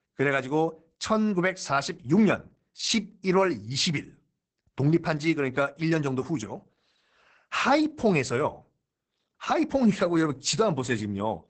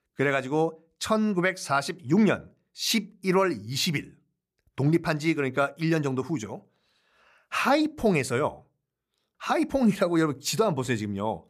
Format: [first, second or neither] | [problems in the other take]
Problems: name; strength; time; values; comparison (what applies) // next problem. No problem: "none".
second | garbled, watery; badly; nothing above 8 kHz